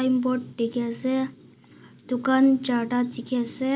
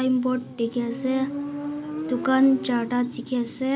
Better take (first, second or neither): first